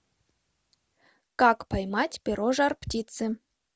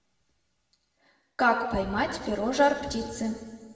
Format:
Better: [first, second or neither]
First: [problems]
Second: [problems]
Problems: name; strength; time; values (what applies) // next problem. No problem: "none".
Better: first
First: none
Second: room echo; dies away in 1.8 s